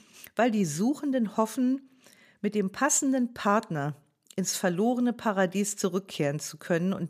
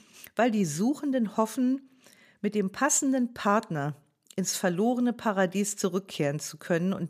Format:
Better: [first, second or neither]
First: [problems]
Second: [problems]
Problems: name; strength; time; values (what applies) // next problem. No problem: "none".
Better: neither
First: none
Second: none